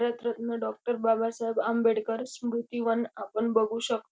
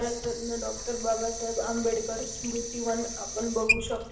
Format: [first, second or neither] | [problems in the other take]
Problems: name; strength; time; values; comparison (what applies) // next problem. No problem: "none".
first | background sound (Sink (filling or washing) / Water); 3 dB below the speech // room echo; dies away in 1 s